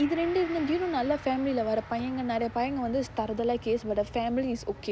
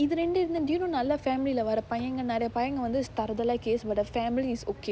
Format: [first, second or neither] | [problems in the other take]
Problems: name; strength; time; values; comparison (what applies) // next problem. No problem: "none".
second | background sound (Gong); 19 dB below the speech